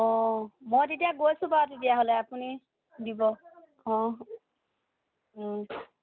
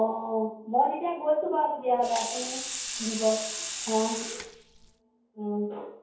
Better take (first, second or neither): first